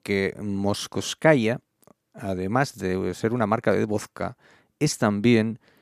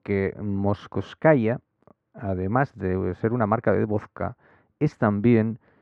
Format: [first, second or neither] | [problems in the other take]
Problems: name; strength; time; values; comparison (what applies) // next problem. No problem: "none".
first | muffled; very; fading above 1.5 kHz